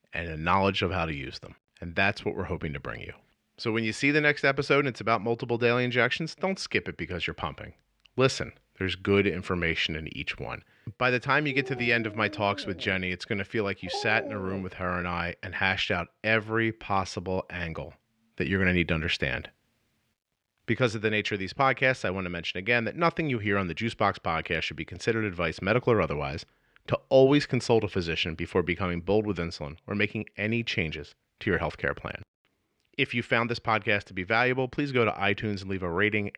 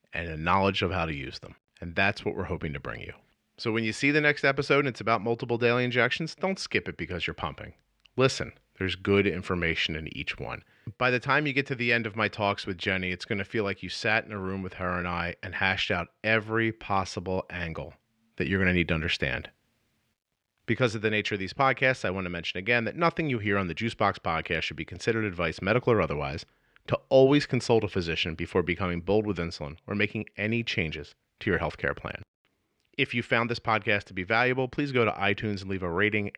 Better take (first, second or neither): second